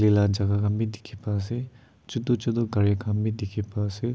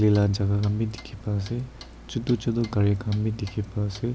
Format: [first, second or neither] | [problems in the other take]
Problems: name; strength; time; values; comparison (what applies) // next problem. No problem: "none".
first | background sound (Clock); 18 dB below the speech